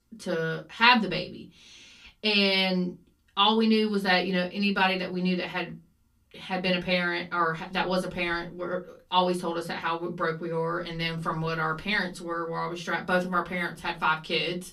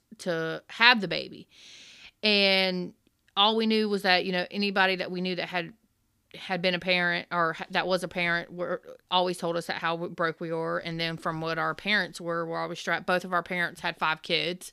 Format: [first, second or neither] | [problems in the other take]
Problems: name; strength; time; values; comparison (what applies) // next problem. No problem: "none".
second | off-mic speech; far // room echo; very slight; dies away in 0.2 s